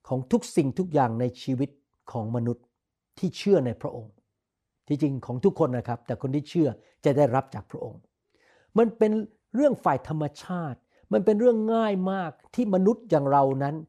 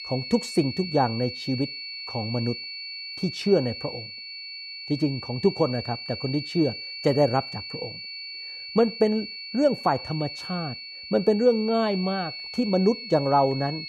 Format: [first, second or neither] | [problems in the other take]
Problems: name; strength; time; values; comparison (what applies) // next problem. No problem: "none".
first | high-pitched whine; loud; throughout; 4.5 kHz, 9 dB below the speech